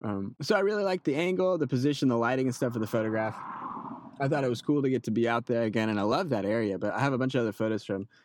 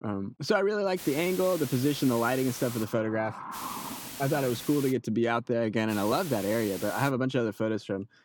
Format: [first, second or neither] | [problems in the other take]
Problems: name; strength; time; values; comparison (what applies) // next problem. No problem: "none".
first | hiss; noticeable; from 1 to 3 s, from 3.5 to 5 s and from 6 to 7 s; 10 dB below the speech